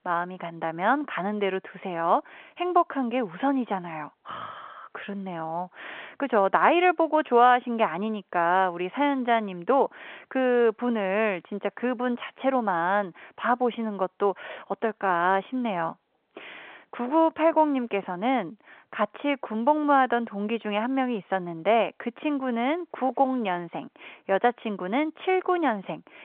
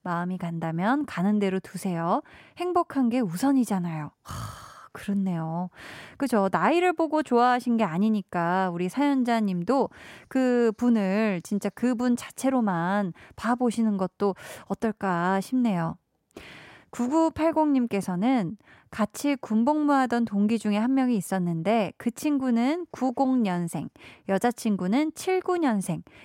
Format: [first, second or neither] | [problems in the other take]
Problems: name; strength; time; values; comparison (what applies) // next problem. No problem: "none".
second | phone-call audio